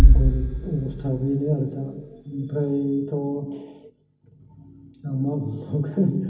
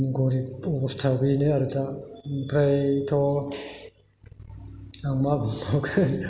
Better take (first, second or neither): second